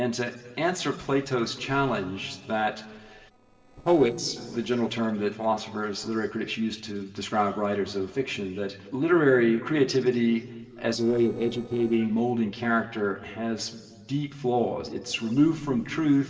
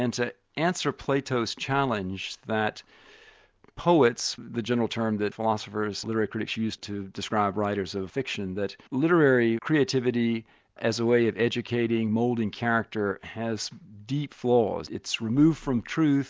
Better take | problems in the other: second | noise reduction (neural separator model SepFormer DNS4)

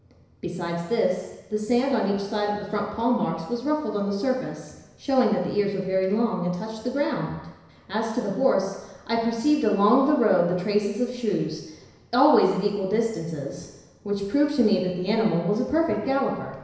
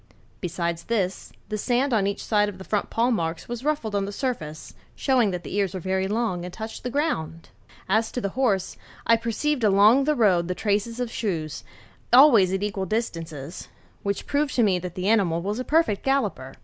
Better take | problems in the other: second | room echo; dies away in 1 s

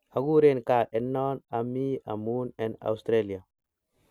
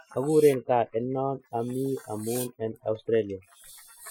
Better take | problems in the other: first | noise reduction (classical method Wiener filter)

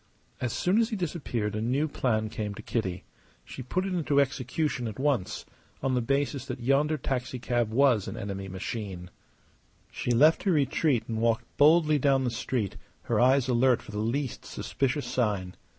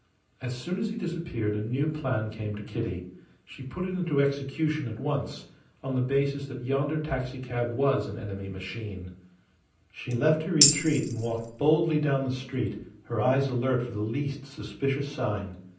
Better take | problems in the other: first | background sound (Tambourine); 2 dB above the speech // room echo; dies away in 0.6 s

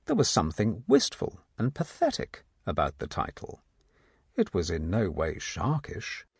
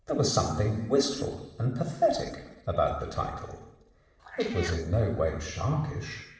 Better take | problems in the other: first | background sound (Meow); 12 dB below the speech // room echo; dies away in 0.9 s

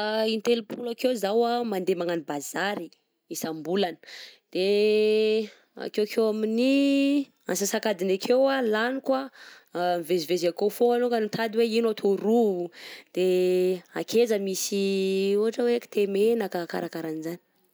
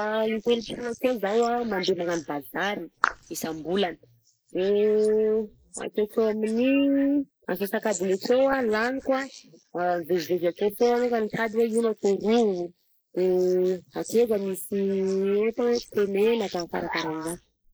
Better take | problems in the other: first | noise reduction (neural mask model Resemble Enhance denoiser)

